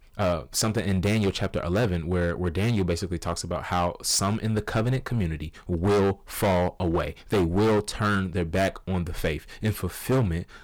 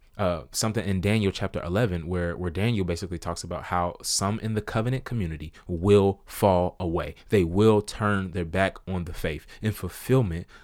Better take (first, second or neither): second